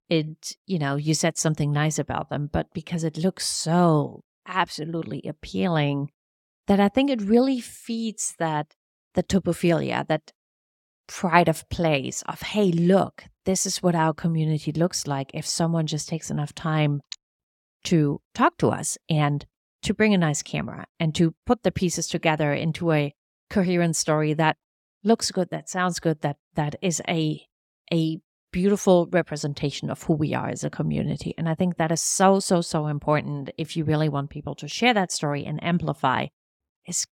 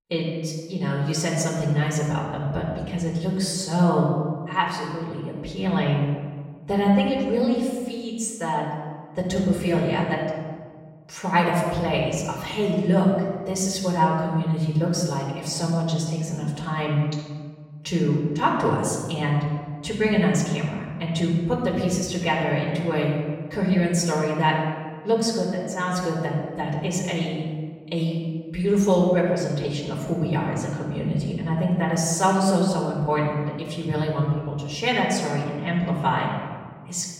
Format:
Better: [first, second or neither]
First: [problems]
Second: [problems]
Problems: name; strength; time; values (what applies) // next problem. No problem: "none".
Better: first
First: none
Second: room echo; noticeable; dies away in 1.4 s // off-mic speech; far